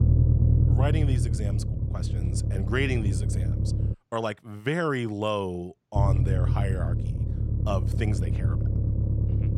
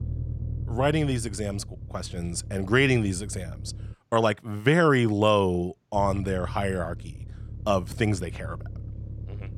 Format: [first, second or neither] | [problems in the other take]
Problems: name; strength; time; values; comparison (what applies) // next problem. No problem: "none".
second | low rumble; loud; until 4 s and from 6 s on; 6 dB below the speech; faint in the second